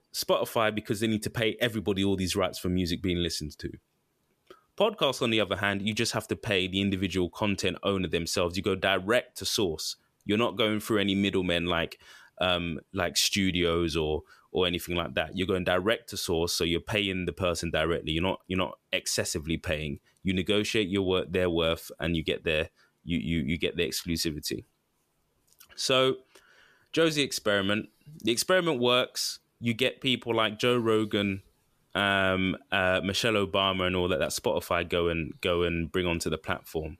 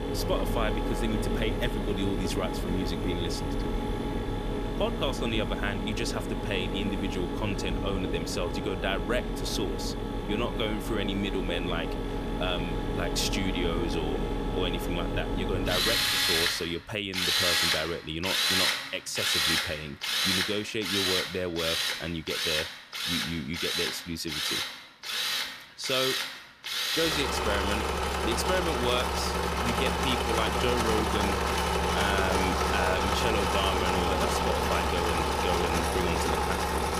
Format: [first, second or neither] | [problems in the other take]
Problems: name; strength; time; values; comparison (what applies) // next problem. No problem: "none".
first | machinery noise; very loud; throughout; 4 dB above the speech